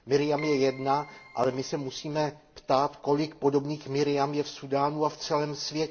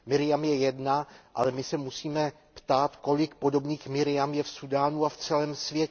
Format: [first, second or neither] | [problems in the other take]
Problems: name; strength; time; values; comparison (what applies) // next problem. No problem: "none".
second | background sound (Keyboard (musical)); 19 dB below the speech // room echo; dies away in 0.4 s